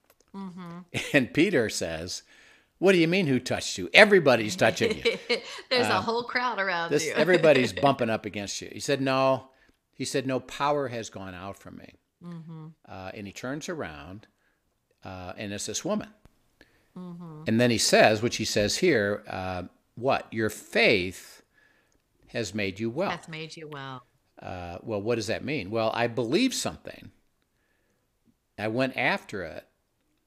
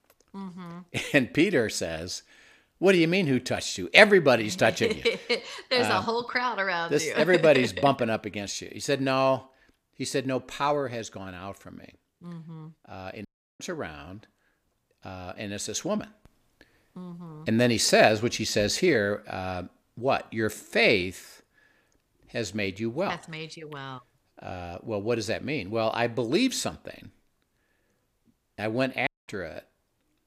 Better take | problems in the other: first | audio cutting out; at 13 s and at 29 s

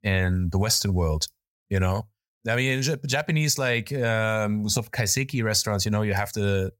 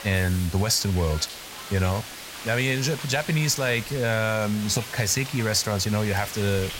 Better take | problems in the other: first | hiss; noticeable; throughout; 10 dB below the speech

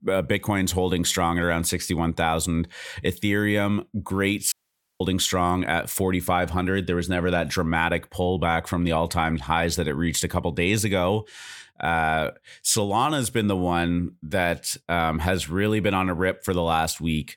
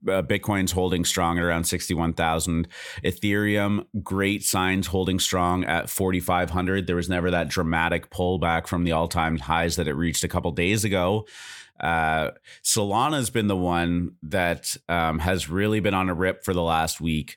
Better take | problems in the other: second | audio cutting out; at 4.5 s

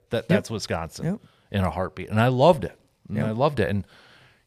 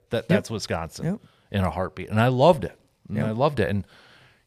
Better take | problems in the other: neither | none

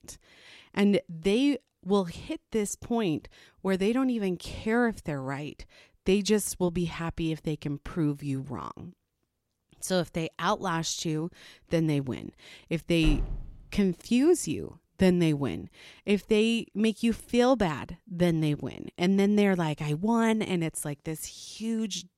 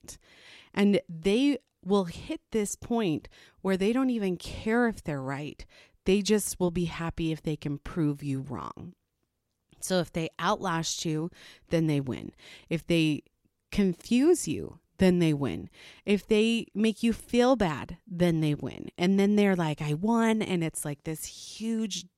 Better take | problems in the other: second | door banging; noticeable; at 13 s; peak 5 dB below the speech

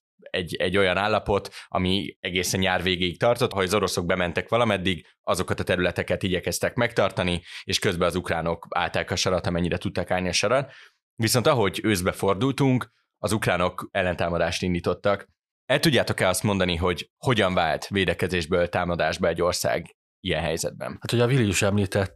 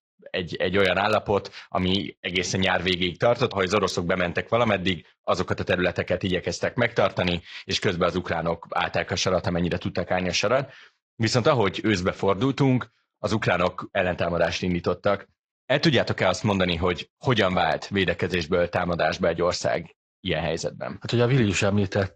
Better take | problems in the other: first | garbled, watery; slightly; nothing above 15.5 kHz

